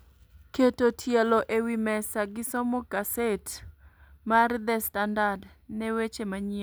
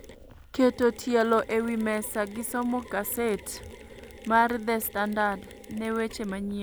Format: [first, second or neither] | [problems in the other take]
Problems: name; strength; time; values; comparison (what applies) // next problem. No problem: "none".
first | background sound (Mechanisms); 19 dB below the speech